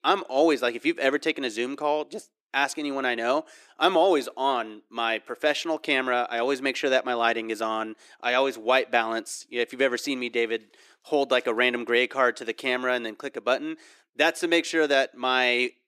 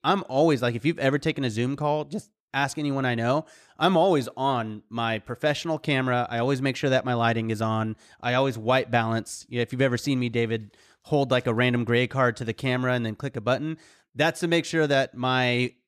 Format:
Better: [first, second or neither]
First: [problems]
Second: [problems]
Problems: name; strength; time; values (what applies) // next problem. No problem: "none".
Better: second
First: thin; somewhat; fading below 350 Hz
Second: none